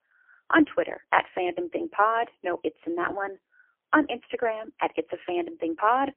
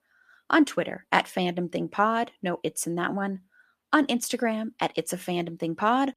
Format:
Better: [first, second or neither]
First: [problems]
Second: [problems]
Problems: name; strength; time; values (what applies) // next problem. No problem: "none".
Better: second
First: phone-call audio; poor line; nothing above 3 kHz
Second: none